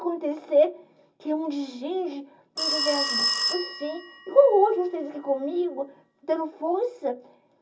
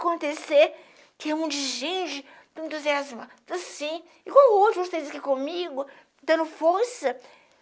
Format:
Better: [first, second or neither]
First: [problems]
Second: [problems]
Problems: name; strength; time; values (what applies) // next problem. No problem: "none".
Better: second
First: background sound (Telephone); 5 dB below the speech // room echo; dies away in 0.4 s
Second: none